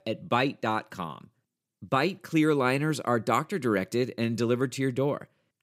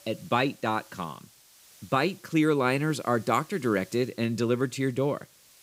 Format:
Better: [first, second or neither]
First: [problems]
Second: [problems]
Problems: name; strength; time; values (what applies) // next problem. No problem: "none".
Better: first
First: none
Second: hiss; faint; throughout; 25 dB below the speech